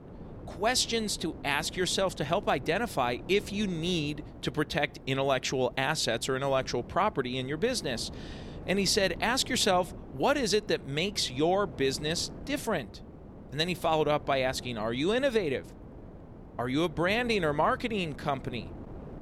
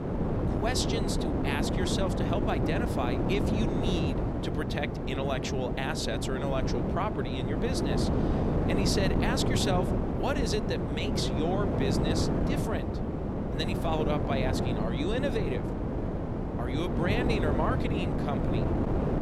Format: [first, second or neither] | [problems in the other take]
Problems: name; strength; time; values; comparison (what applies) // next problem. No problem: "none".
first | wind noise on the microphone; heavy; 1 dB below the speech; occasional gusts in the first